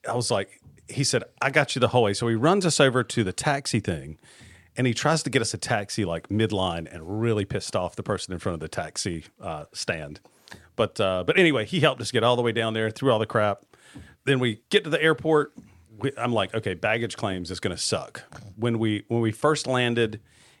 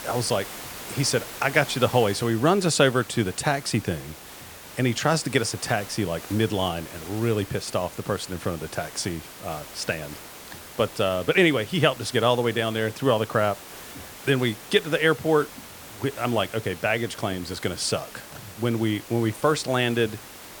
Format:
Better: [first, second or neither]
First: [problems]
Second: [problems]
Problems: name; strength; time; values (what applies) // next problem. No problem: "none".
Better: first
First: none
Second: hiss; noticeable; throughout; 15 dB below the speech